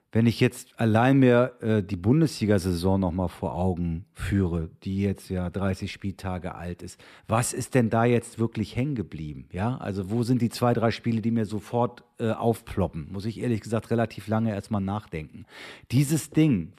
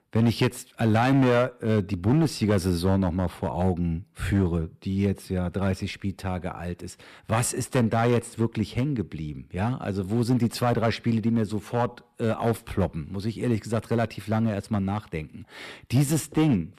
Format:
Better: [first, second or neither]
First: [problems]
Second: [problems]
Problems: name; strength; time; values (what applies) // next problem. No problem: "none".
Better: first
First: none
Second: distortion; slight; 5% of the sound clipped